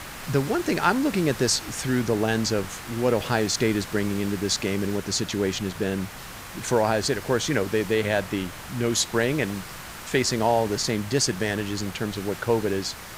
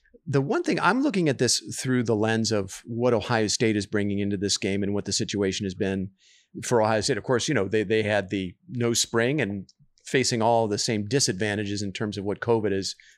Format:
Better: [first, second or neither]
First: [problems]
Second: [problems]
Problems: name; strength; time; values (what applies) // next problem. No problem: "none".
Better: second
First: hiss; noticeable; throughout; 10 dB below the speech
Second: none